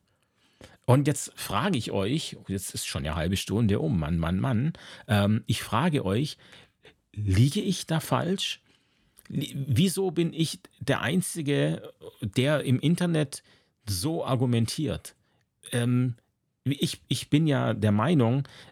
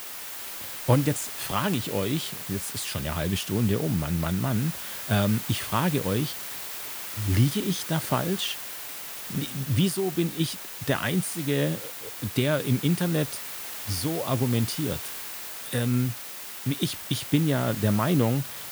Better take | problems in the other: first | hiss; loud; throughout; 7 dB below the speech

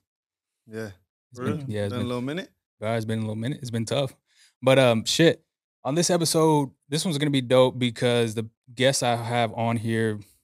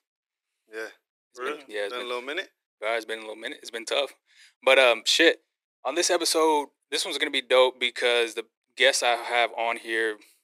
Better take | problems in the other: first | thin; very; fading below 350 Hz

